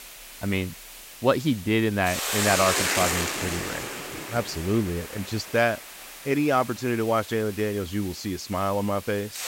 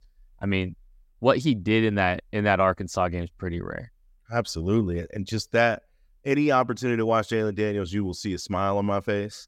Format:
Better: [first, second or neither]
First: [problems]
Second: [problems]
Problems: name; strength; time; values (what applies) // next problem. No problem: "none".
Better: second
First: hiss; loud; throughout; 4 dB below the speech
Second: none